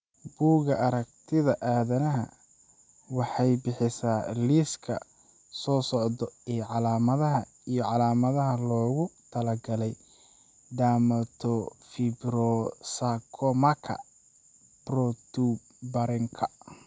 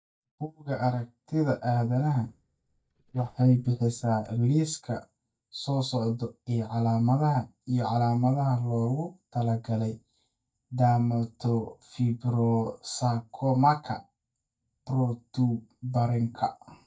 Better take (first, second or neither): first